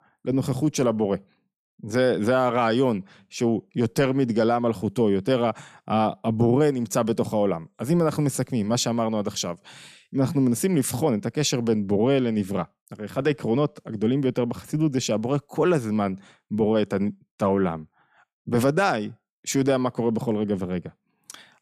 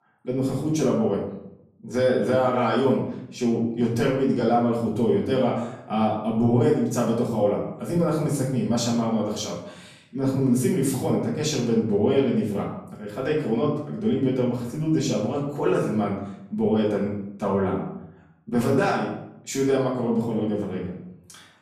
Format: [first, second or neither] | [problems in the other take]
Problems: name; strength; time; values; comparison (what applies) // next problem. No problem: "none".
first | off-mic speech; far // room echo; noticeable; dies away in 0.6 s